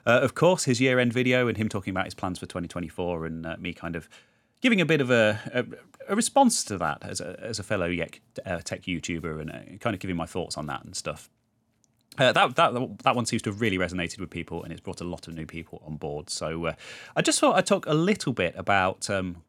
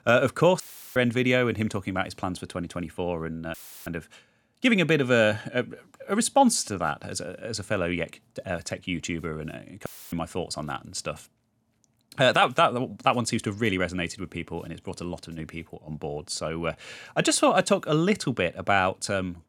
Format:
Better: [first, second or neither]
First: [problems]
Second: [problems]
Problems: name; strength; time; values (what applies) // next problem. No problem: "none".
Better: first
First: none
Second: audio cutting out; filled with static; at 0.5 s, at 3.5 s and at 10 s